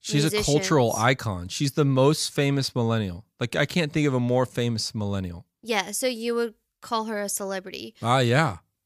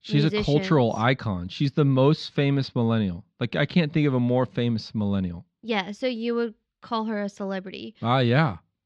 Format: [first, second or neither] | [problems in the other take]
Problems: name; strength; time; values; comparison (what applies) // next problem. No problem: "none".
first | muffled; slightly; fading above 4 kHz